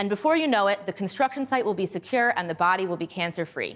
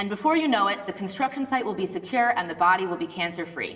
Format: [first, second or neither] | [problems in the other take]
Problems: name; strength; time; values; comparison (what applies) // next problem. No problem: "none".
first | room echo; dies away in 2 s